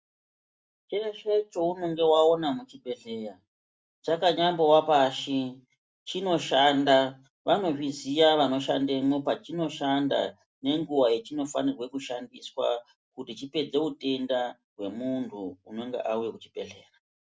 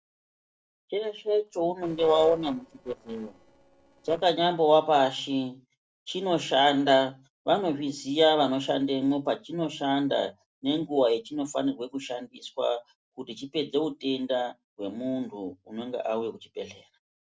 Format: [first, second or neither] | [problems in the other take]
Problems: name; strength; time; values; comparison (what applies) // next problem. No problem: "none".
first | noise reduction (neural separator model SepFormer DNS4)